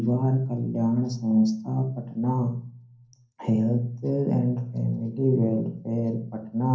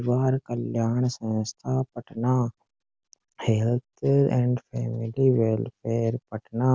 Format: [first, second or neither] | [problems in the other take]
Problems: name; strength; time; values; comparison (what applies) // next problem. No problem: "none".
second | room echo; dies away in 0.6 s